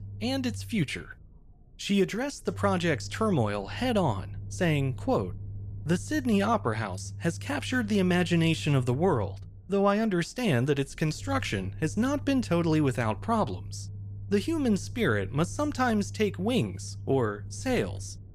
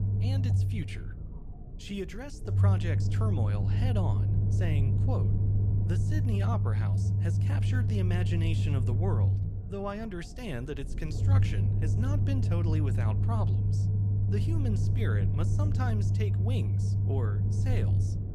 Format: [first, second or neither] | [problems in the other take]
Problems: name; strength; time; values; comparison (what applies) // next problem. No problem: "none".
first | low rumble; loud; throughout; 1 dB below the speech; faint in the first